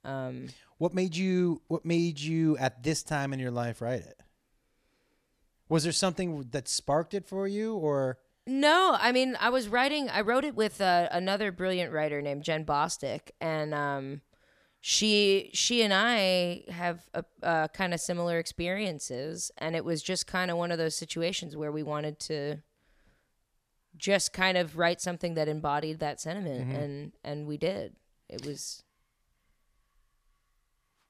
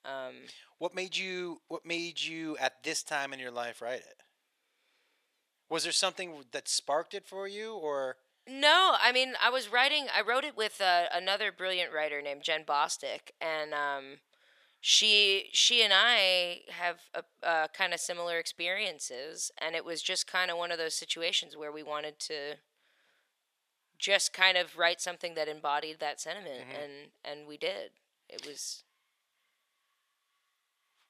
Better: first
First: none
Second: thin; very; fading below 550 Hz

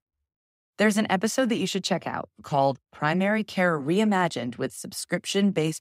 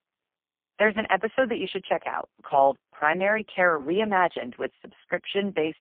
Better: first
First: none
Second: phone-call audio; poor line

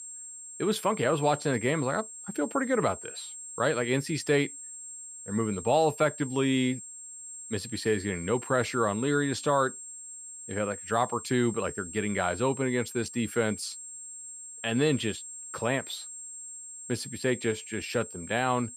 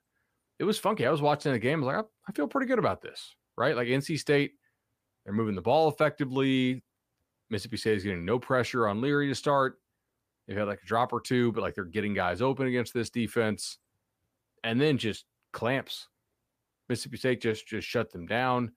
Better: second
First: high-pitched whine; noticeable; throughout; 7.5 kHz, 10 dB below the speech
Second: none

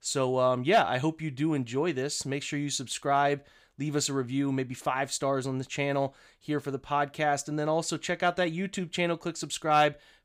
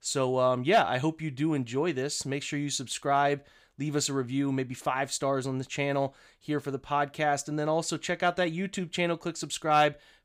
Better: neither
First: none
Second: none

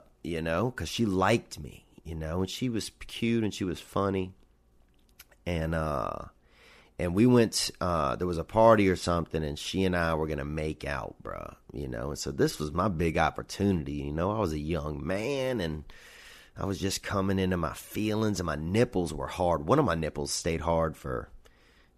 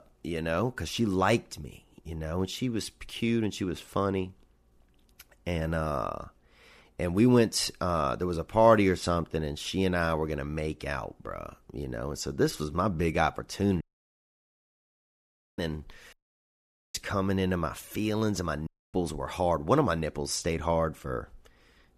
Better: first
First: none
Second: audio cutting out; at 14 s for 2 s, at 16 s for 1 s and at 19 s

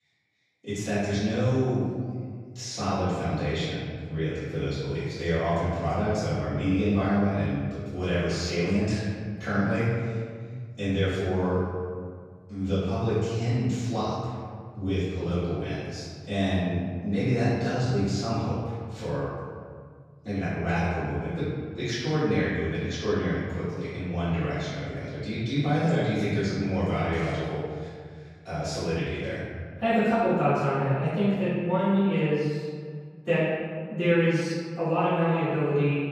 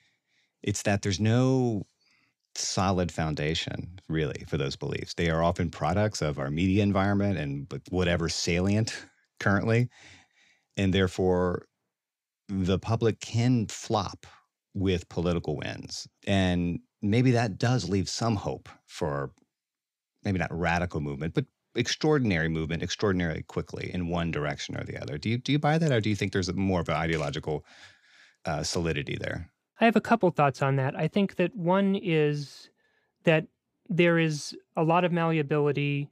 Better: second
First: room echo; strong; dies away in 1.9 s // off-mic speech; far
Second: none

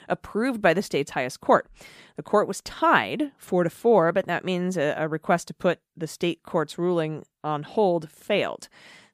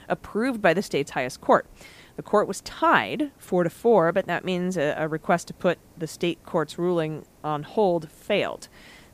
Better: first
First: none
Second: hiss; faint; throughout; 30 dB below the speech

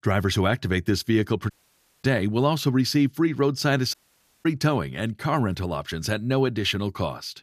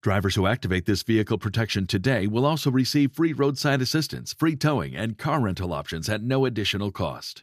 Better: second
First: audio cutting out; at 1.5 s for 0.5 s and at 4 s for 0.5 s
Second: none

